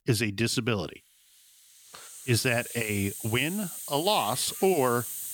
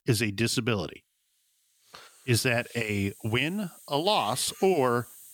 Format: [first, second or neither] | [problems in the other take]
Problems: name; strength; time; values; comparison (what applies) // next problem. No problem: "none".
second | hiss; loud; throughout; 9 dB below the speech; faint in the second